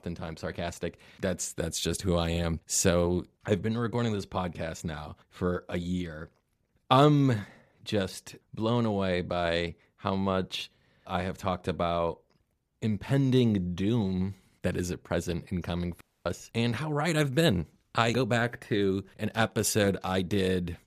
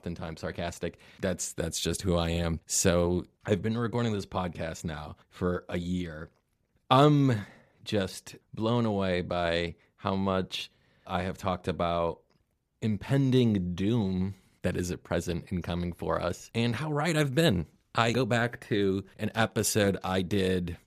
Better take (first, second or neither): second